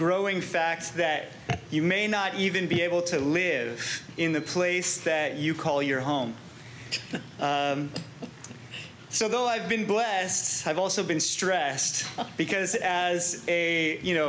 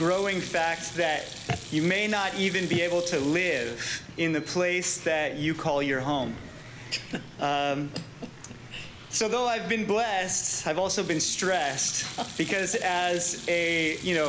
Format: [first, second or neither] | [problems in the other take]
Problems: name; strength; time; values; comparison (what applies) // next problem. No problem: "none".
first | background sound (Sink (filling or washing)); 16 dB below the speech